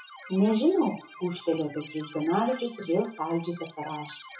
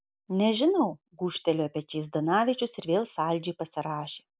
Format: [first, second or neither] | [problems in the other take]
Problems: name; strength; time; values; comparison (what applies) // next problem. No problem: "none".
second | noise reduction (classical method WPE with log-MMSE)